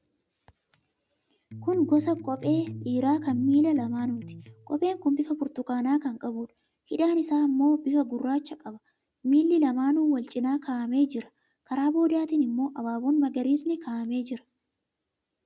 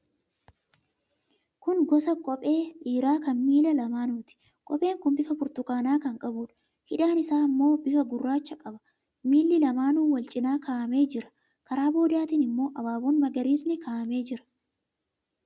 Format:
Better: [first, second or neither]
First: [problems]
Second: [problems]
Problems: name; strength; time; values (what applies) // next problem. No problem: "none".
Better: second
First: background sound (Electric guitar); 14 dB below the speech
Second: none